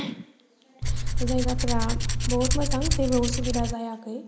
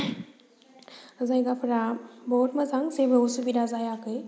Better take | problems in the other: second | background sound (Tools); 5 dB above the speech

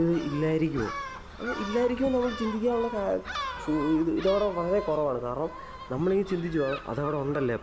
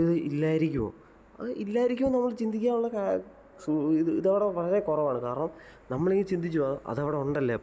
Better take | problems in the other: second | background sound (Gull, seagull); 11 dB below the speech

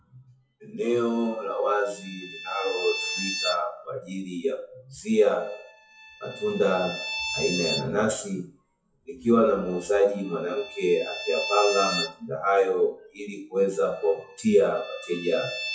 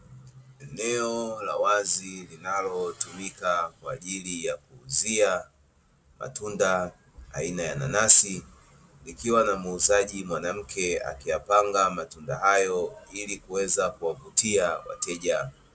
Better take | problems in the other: second | noise reduction (classical method WPE with log-MMSE)

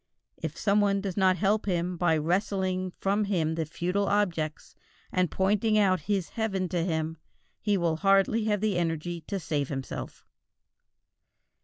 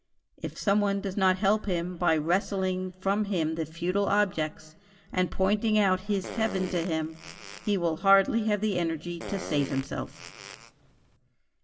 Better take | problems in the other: first | background sound (Fart); 13 dB below the speech // room echo; dies away in 0.4 s

